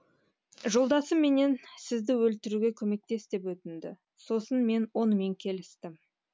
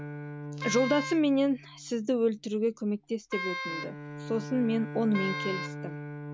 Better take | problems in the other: first | background sound (Wind instrument, woodwind instrument + Bowed string instrument); 8 dB below the speech

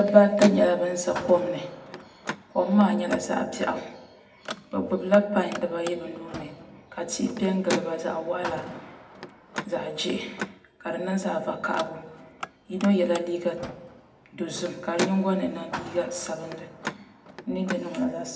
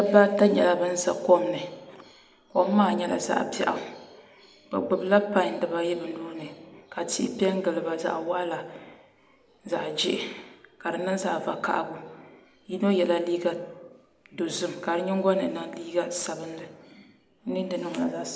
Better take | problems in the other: second | background sound (Car); 11 dB below the speech // room echo; dies away in 0.4 s

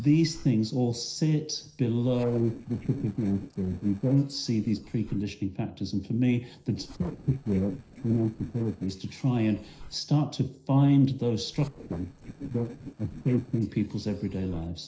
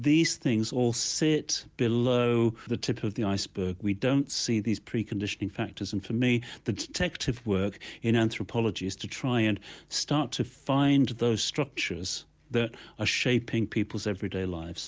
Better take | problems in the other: second | noise reduction (neural separator model SepFormer DNS4)

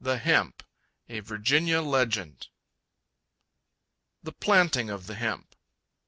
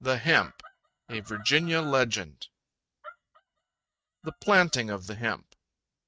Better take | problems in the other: first | noise reduction (neural mask model RNNoise)

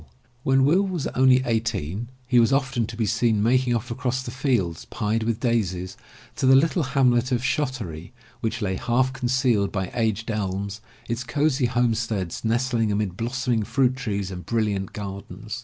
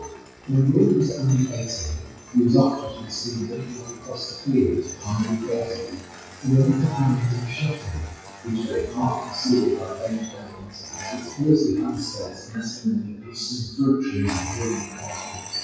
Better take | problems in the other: first | noise reduction (classical method WPE with log-MMSE)

